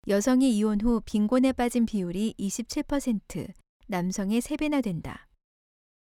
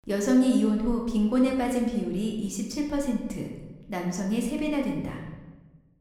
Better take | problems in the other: first | room echo; noticeable; dies away in 1 s // off-mic speech; somewhat distant

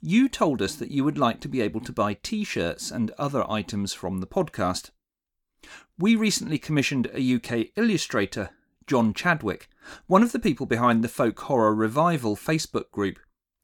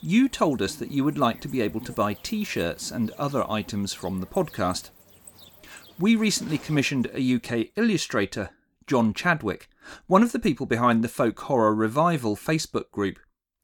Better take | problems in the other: first | animal sounds; faint; until 7 s; 20 dB below the speech

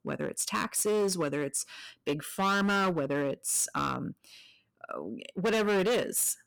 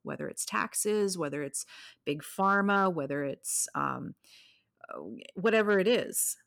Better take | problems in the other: second | distortion; heavy; 12% of the sound clipped

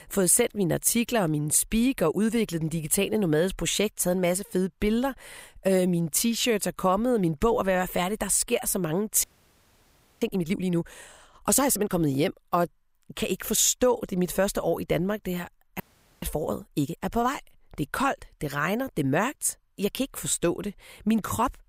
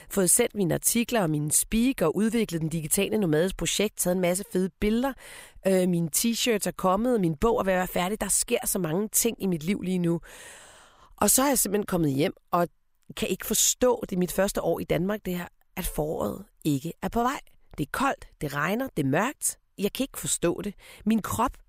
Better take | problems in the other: second | audio freezing; at 9 s for 1 s and at 16 s

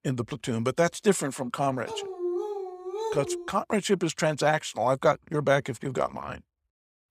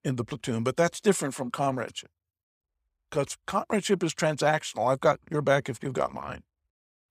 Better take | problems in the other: second | dog barking; noticeable; from 2 to 3.5 s; peak 4 dB below the speech

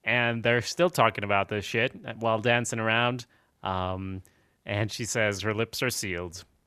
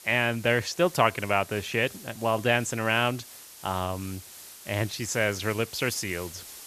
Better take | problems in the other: first | hiss; noticeable; throughout; 15 dB below the speech

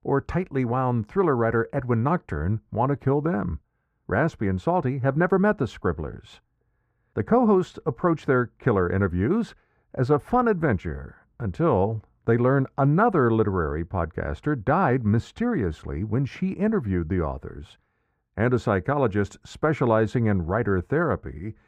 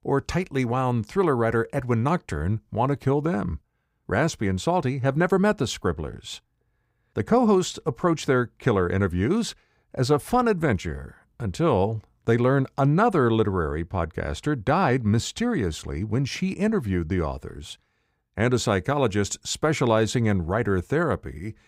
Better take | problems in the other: second | muffled; very; fading above 2.5 kHz

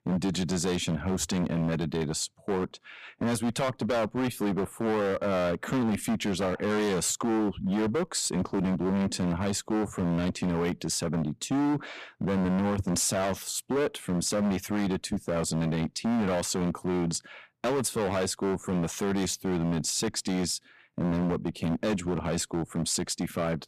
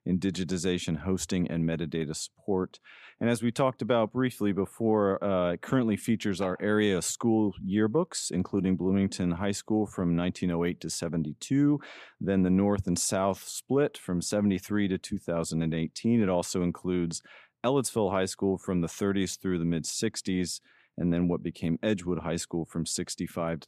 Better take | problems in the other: second | distortion; heavy; 20% of the sound clipped

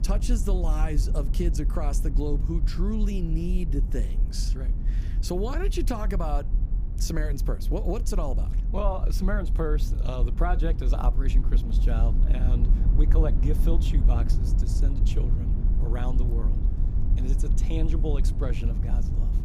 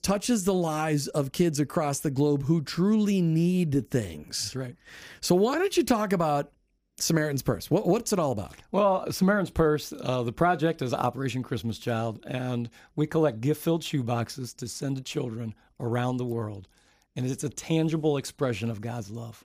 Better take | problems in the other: second | low rumble; loud; throughout; 9 dB below the speech

